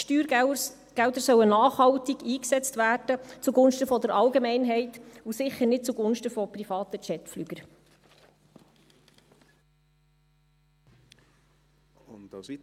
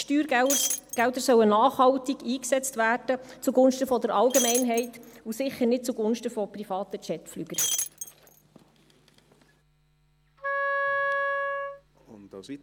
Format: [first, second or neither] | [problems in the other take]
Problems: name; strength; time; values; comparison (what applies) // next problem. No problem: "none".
first | background sound (Shatter + Wind instrument, woodwind instrument); 3 dB below the speech